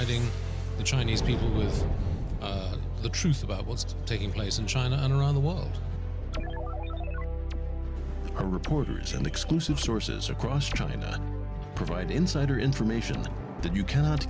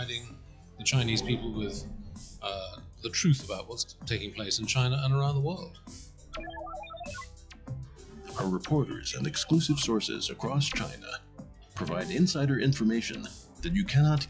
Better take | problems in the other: first | noise reduction (classical method log-MMSE)

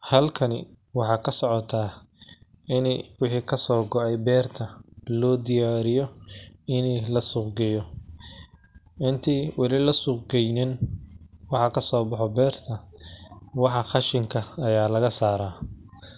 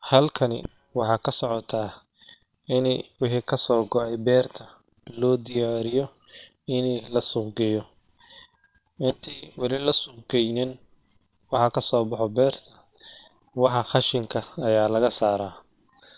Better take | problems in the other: first | noise reduction (neural separator model SepFormer WHAM!)

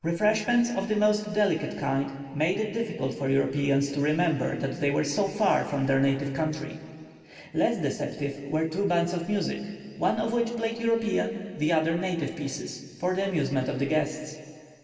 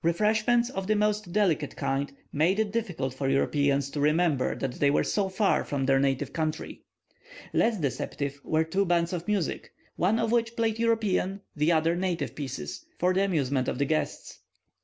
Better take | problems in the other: second | room echo; dies away in 2.4 s

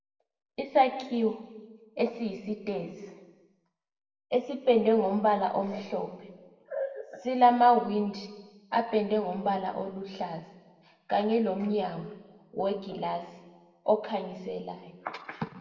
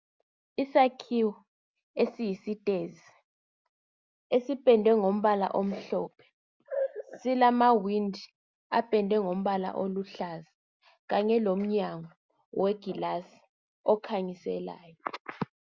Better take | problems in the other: second | room echo; dies away in 1.1 s

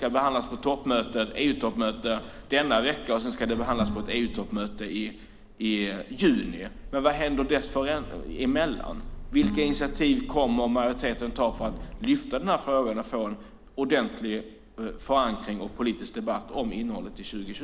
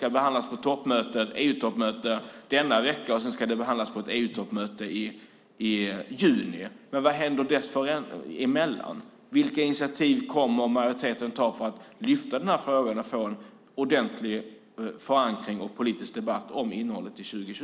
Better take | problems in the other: second | background sound (Bowed string instrument + Sliding door); 12 dB below the speech

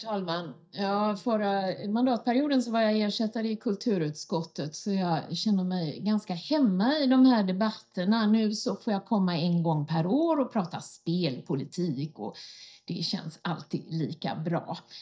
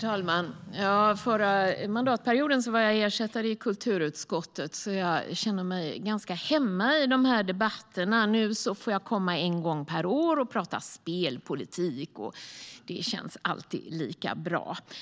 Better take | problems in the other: second | noise reduction (neural mask model DeepFilterNet 3)

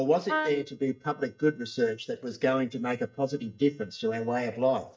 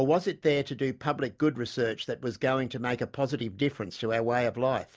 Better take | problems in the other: second | noise reduction (neural mask model DeepFilterNet 3)

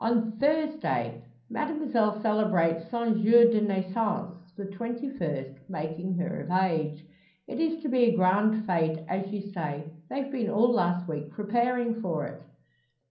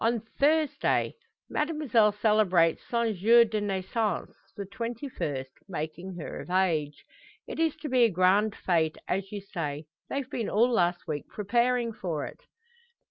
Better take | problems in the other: second | room echo; dies away in 0.6 s

